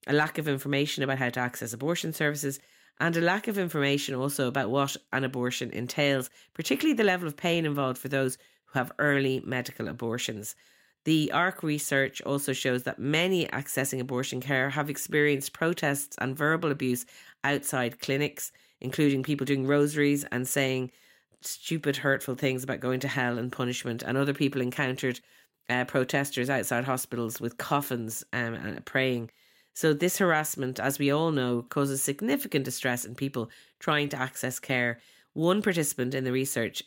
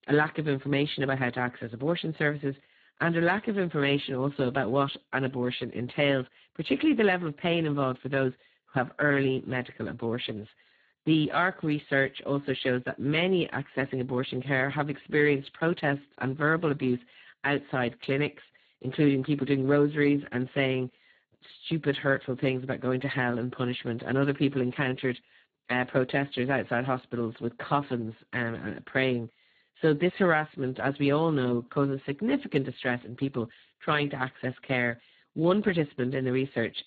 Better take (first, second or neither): first